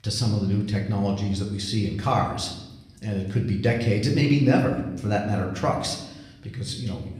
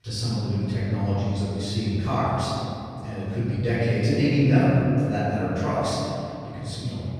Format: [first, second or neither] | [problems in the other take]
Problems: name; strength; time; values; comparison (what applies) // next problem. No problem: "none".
first | room echo; strong; dies away in 2.8 s; slight in the first // off-mic speech; far; somewhat distant in the first